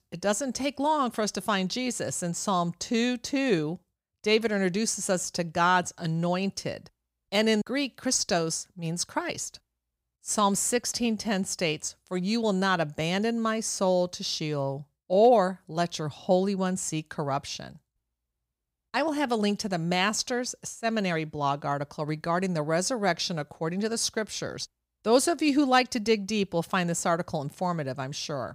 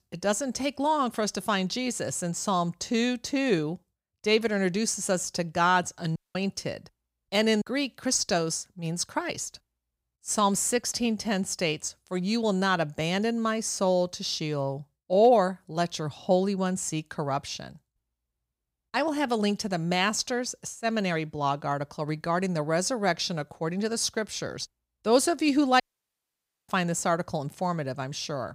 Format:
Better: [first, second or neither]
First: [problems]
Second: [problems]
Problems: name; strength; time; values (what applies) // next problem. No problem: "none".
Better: first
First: none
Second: audio cutting out; at 6 s and at 26 s for 1 s